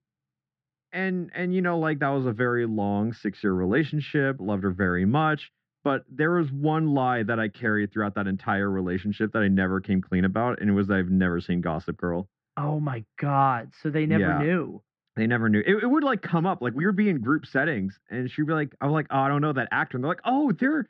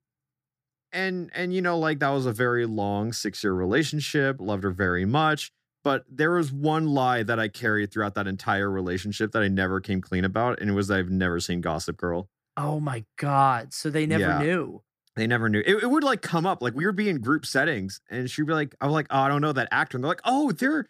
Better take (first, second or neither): second